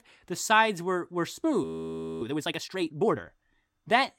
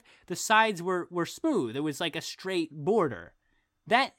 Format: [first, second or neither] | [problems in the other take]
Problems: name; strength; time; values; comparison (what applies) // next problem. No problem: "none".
second | audio freezing; at 1.5 s for 0.5 s